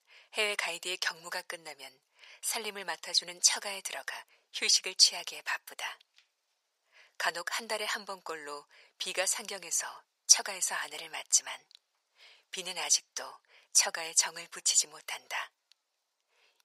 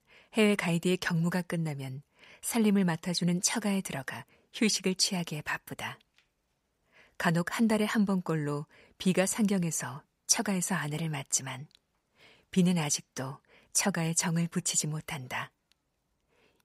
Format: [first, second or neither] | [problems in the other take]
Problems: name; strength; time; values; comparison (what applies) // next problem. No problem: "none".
second | thin; very; fading below 600 Hz